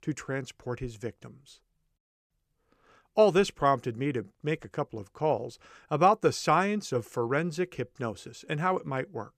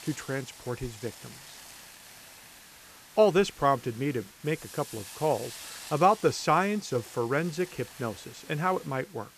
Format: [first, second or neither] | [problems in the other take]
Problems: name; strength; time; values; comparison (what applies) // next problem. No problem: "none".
first | hiss; noticeable; throughout; 15 dB below the speech